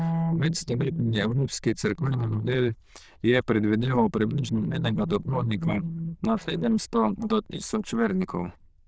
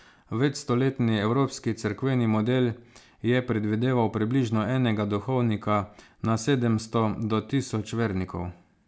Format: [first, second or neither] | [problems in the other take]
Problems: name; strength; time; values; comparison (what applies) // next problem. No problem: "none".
second | noise reduction (neural diffusion model UNIVERSE++)